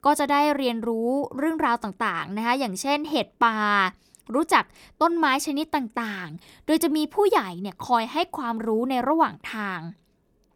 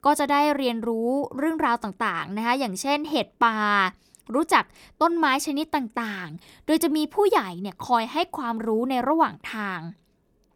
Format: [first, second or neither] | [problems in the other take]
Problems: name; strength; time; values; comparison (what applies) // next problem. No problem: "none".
neither | none